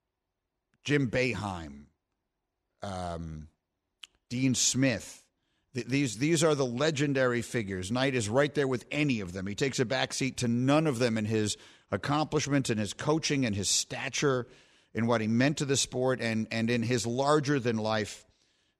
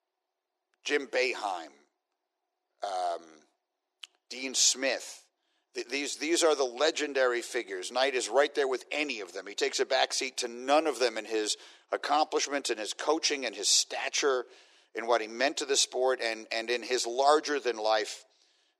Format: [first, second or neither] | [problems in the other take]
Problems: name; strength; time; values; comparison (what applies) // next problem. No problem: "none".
first | thin; very; fading below 350 Hz